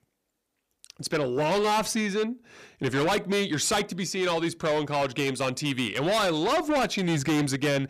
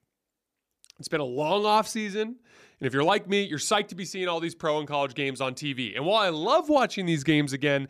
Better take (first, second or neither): second